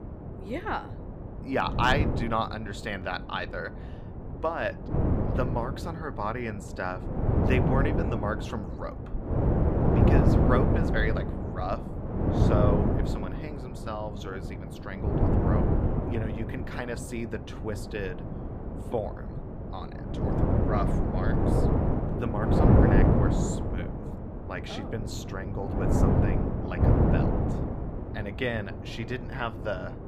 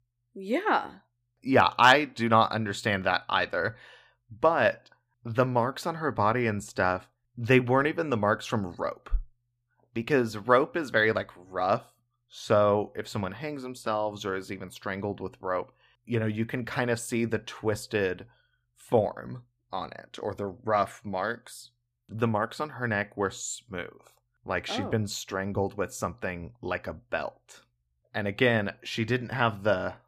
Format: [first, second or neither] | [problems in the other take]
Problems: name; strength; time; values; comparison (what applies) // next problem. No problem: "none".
second | wind noise on the microphone; heavy; as loud as the speech